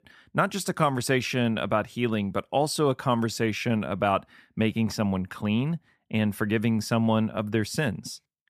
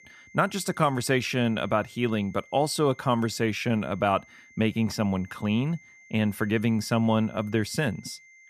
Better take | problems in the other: first | high-pitched whine; faint; throughout; 2 kHz, 25 dB below the speech

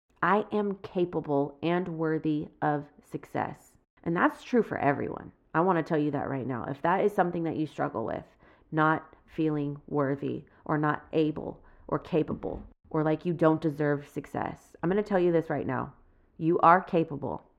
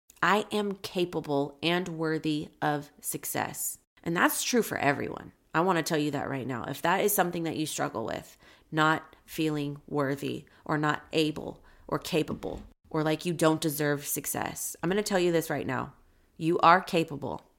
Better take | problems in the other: second | muffled; very; fading above 3.5 kHz

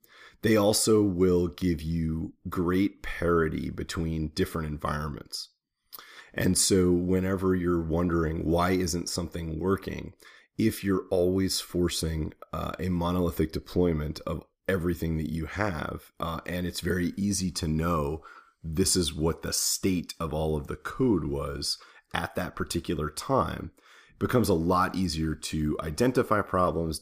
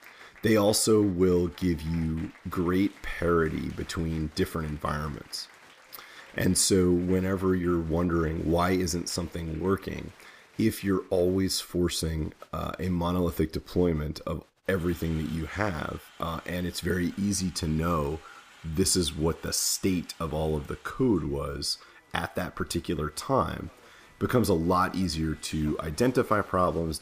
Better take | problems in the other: first | crowd noise; faint; throughout; 25 dB below the speech

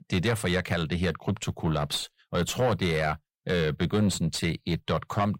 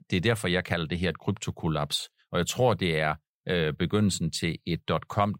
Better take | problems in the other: second | distortion; slight; 10 dB below the speech

